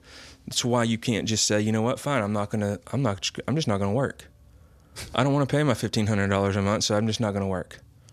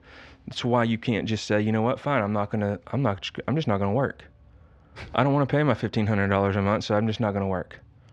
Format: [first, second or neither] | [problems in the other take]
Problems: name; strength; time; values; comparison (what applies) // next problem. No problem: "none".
first | muffled; slightly; fading above 2.5 kHz